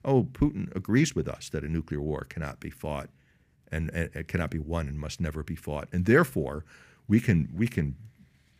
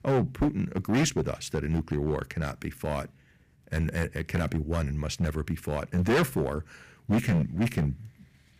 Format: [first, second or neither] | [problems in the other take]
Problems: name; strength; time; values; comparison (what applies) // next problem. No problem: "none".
first | distortion; heavy; 7% of the sound clipped